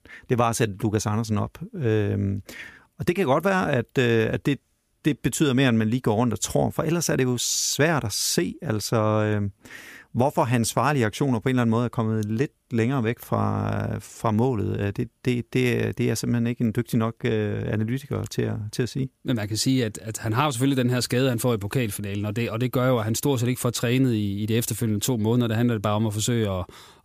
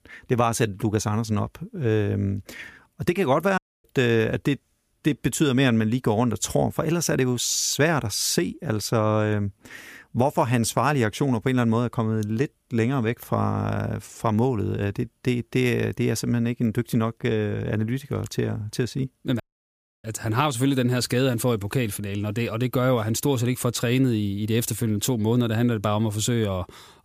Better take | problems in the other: first | audio cutting out; at 3.5 s and at 19 s for 0.5 s

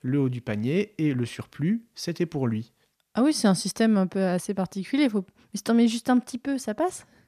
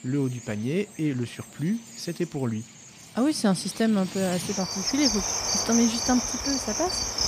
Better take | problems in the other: first | animal sounds; very loud; throughout; 1 dB above the speech

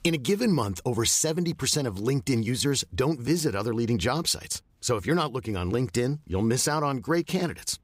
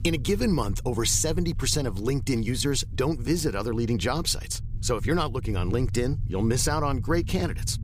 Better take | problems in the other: first | low rumble; faint; throughout; 20 dB below the speech

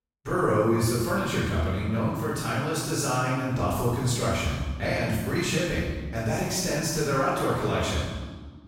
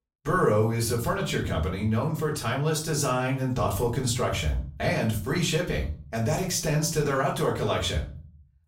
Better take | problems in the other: second | room echo; strong; dies away in 1.3 s; slight in the second // off-mic speech; far; far in the second

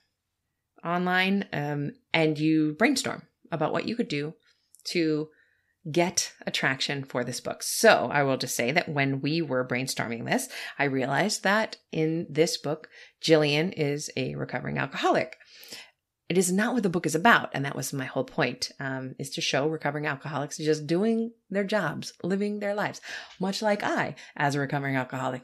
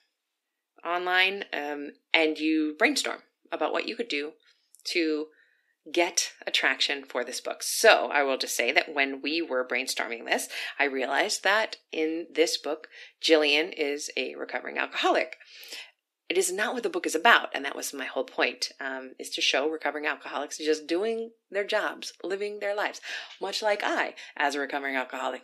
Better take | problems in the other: first | thin; somewhat; fading below 300 Hz

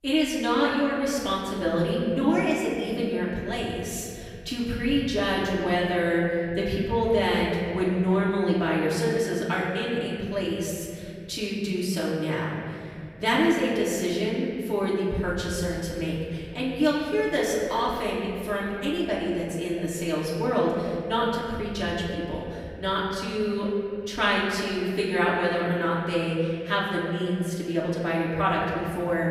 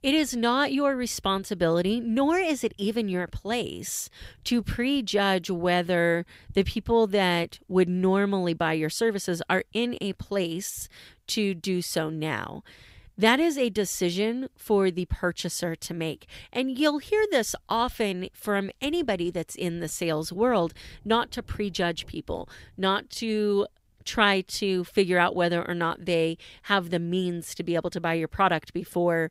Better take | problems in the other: second | off-mic speech; far // room echo; noticeable; dies away in 3 s

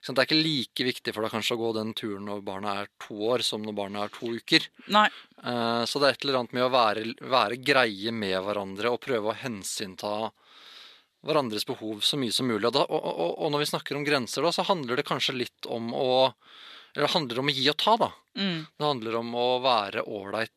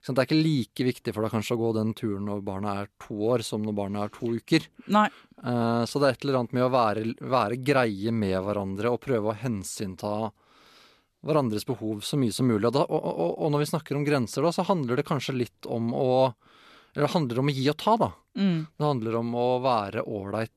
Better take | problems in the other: second | thin; very slightly; fading below 850 Hz

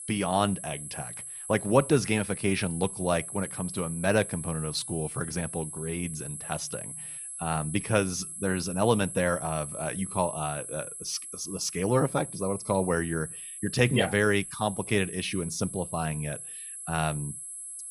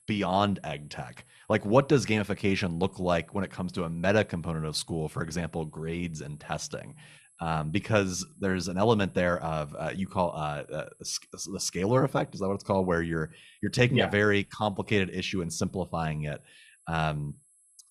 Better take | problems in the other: second | high-pitched whine; loud; throughout; 11 kHz, 8 dB below the speech; faint in the second

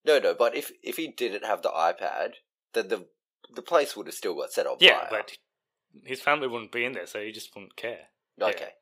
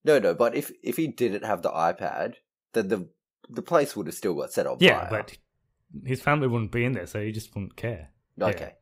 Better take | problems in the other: second | thin; somewhat; fading below 500 Hz

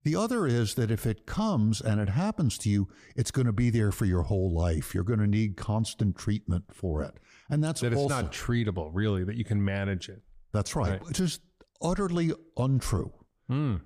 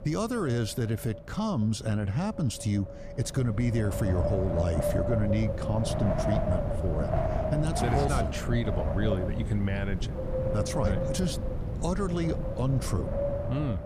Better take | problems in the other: first | wind noise on the microphone; heavy; 2 dB above the speech

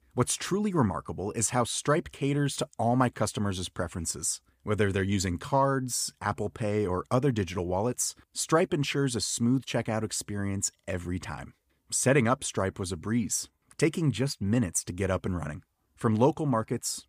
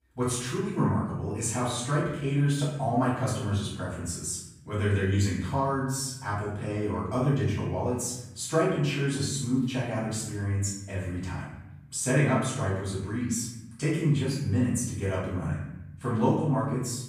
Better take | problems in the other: first | off-mic speech; far // room echo; noticeable; dies away in 0.9 s

